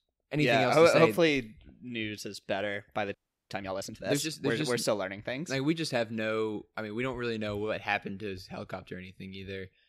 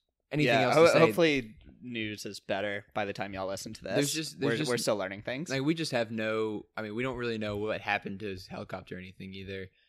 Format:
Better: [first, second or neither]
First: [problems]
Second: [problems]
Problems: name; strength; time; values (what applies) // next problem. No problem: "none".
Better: second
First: audio freezing; at 3 s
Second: none